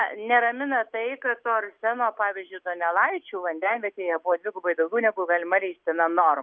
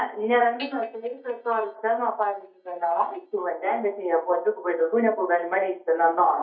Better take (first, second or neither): first